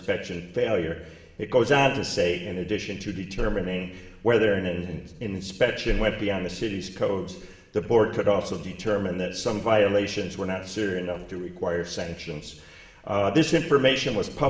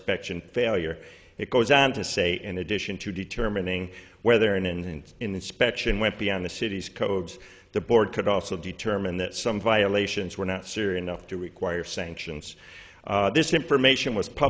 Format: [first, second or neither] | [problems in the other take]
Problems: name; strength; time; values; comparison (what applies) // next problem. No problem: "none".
second | room echo; dies away in 0.9 s